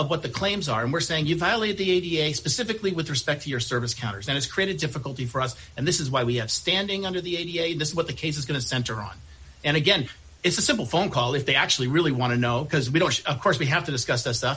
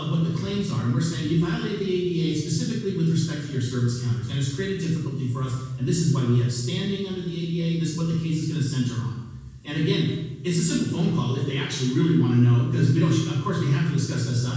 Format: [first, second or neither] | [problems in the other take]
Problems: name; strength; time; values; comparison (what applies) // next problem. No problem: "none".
first | room echo; dies away in 1.2 s